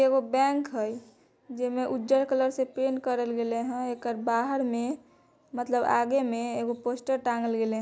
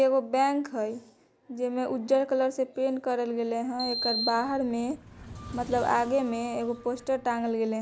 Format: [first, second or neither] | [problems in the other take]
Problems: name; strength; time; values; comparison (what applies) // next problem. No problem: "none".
first | background sound (Sliding door); 10 dB below the speech